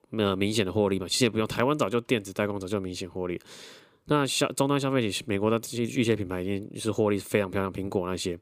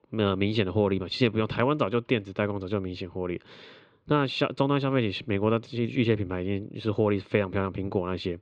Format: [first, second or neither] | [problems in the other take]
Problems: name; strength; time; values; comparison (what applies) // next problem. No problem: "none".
first | muffled; slightly; fading above 3.5 kHz